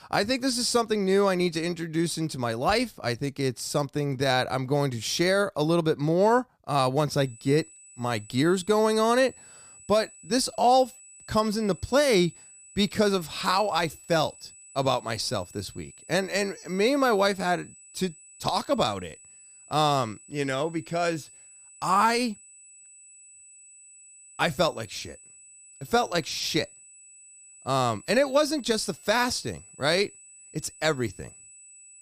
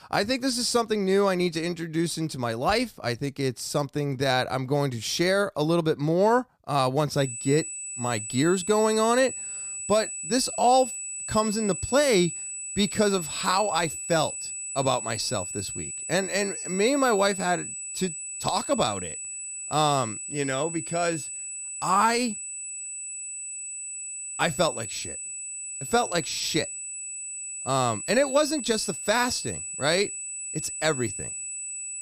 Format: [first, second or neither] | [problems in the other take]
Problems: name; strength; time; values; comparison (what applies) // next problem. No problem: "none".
first | high-pitched whine; loud; from 7 s on; 8 kHz, 7 dB below the speech; faint in the first